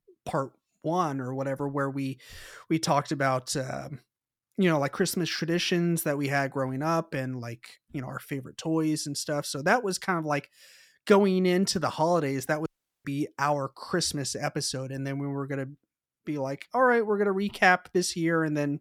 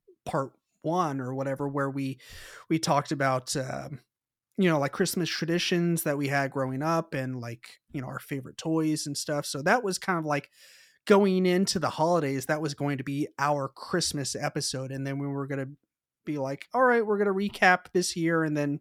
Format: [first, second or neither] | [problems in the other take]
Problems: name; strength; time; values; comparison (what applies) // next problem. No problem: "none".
second | audio cutting out; at 13 s